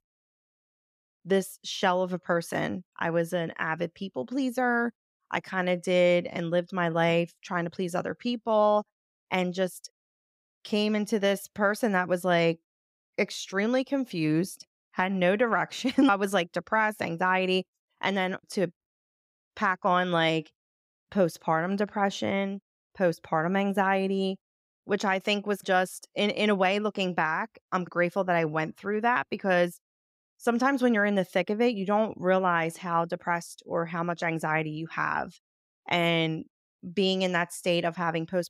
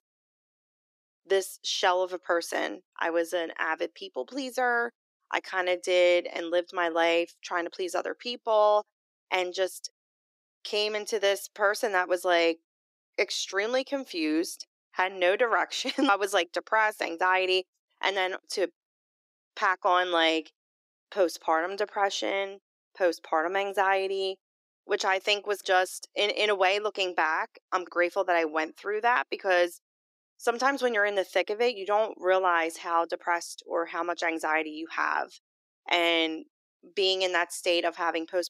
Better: first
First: none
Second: thin; very; fading below 300 Hz

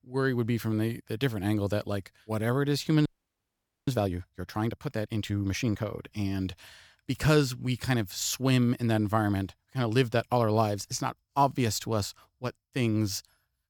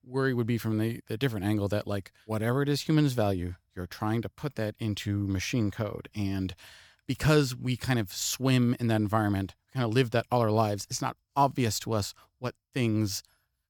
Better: second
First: audio freezing; at 3 s for 1 s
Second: none

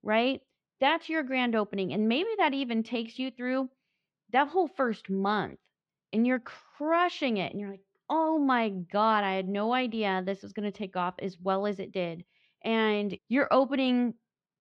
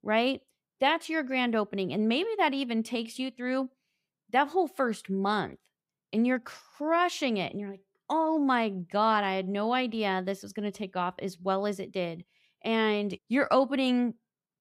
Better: second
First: muffled; very slightly; fading above 4 kHz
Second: none

